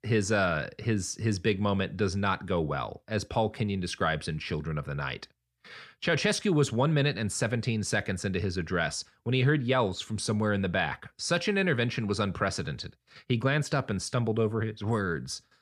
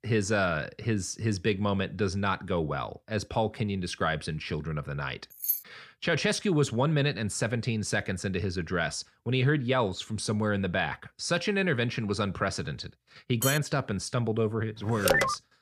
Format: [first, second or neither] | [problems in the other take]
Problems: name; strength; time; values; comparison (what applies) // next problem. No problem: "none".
first | jangling keys; noticeable; at 5.5 s; peak level with the speech // clattering dishes; noticeable; at 13 s; peak 2 dB below the speech // phone ringing; loud; at 15 s; peak 4 dB above the speech